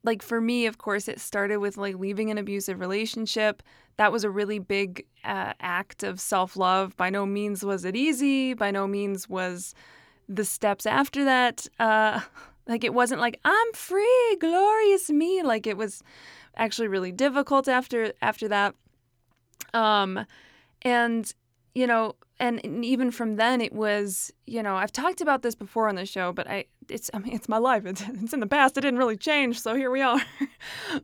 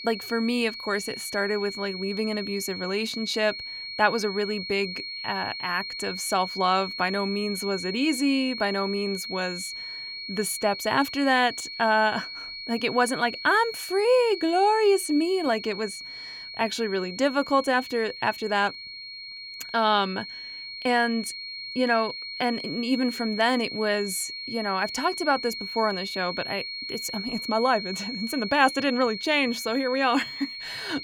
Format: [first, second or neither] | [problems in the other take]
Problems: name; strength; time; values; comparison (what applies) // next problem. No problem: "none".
first | high-pitched whine; loud; throughout; 4.5 kHz, 8 dB below the speech